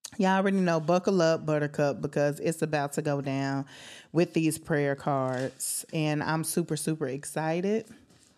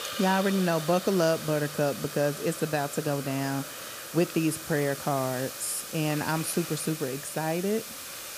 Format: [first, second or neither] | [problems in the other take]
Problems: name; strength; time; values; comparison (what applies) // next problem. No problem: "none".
first | hiss; loud; throughout; 8 dB below the speech